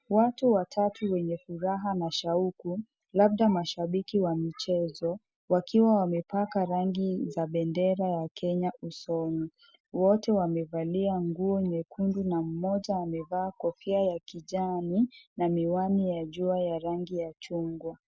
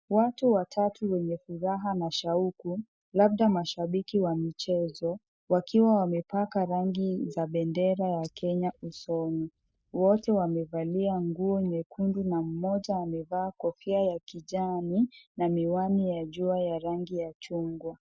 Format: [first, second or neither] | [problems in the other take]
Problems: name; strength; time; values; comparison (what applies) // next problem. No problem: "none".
first | noise reduction (neural mask model DeepFilterNet 3)